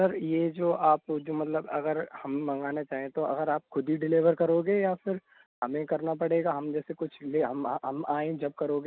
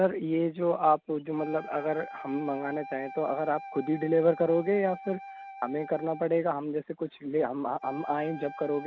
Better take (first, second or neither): first